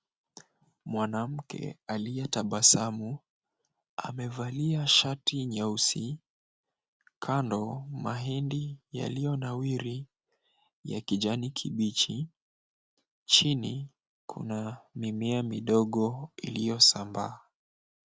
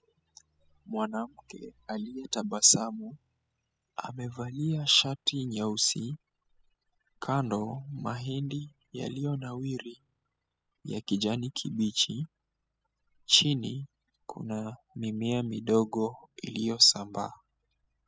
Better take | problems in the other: first | noise reduction (classical method spectral subtraction)

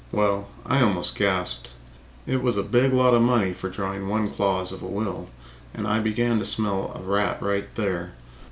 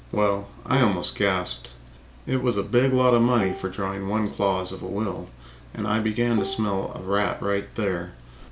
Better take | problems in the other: first | background sound (Bowed string instrument); 13 dB below the speech

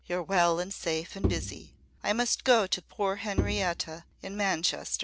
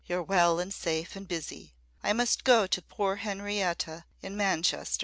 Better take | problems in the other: second | background sound (Bowed string instrument); 5 dB below the speech

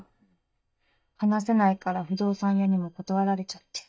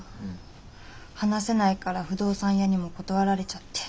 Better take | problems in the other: second | noise reduction (neural mask model DeepFilterNet 3)

